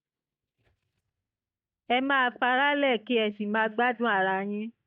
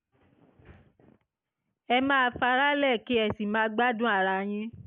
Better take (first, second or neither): second